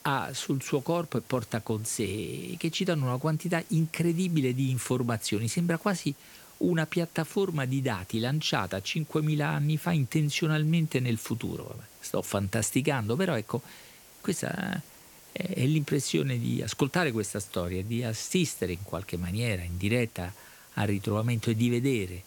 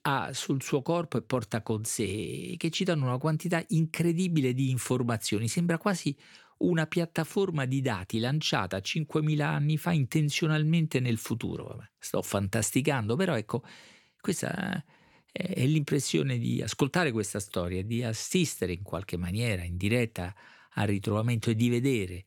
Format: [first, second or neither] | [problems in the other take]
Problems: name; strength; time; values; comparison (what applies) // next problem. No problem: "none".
second | hiss; faint; throughout; 20 dB below the speech